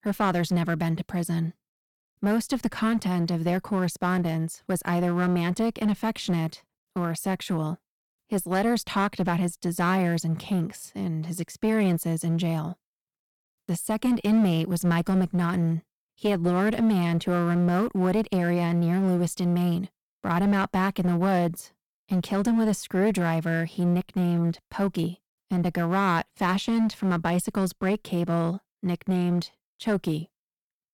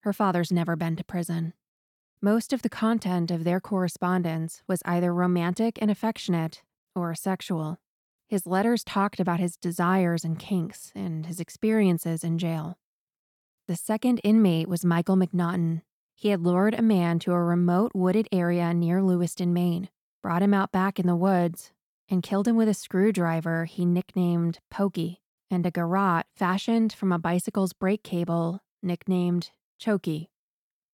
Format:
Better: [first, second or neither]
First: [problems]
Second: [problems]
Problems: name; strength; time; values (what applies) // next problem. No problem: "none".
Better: second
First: distortion; slight; 10% of the sound clipped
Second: none